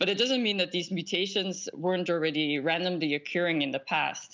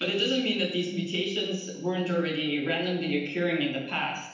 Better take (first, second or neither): first